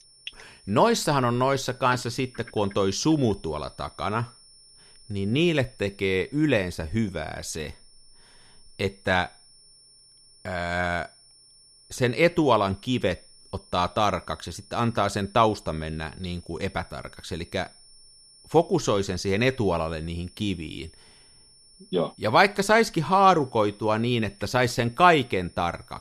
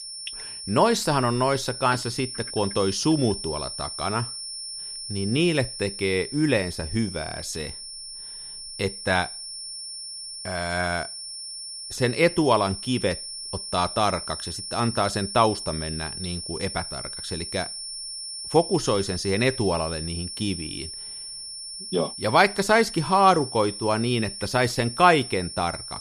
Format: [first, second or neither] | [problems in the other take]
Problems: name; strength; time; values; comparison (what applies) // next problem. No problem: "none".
first | high-pitched whine; loud; throughout; 5.5 kHz, 9 dB below the speech; faint in the first